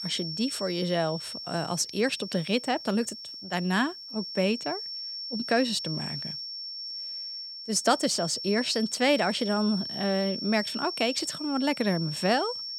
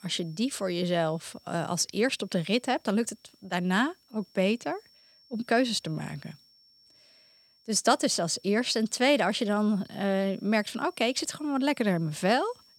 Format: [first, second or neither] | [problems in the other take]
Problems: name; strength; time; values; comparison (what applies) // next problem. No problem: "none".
second | high-pitched whine; loud; throughout; 5.5 kHz, 7 dB below the speech; faint in the second